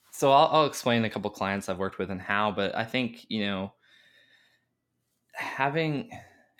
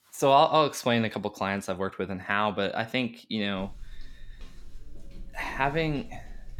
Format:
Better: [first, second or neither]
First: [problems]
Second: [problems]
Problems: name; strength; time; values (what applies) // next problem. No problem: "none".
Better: first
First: none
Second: footsteps; faint; from 3.5 s on; peak 20 dB below the speech